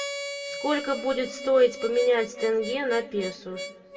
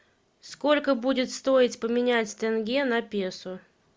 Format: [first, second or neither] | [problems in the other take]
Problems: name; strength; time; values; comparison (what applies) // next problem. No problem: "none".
second | background sound (Harmonica); 11 dB below the speech // room echo; dies away in 1.4 s